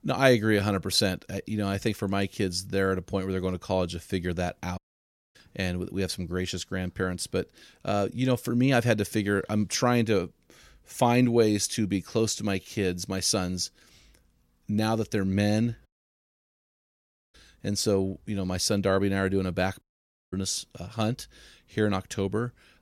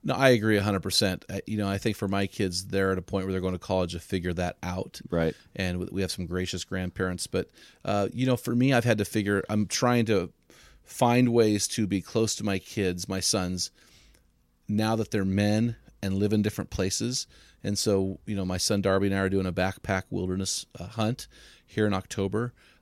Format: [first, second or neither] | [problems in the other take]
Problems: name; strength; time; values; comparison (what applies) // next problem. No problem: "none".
second | audio cutting out; at 5 s for 0.5 s, at 16 s for 1.5 s and at 20 s for 0.5 s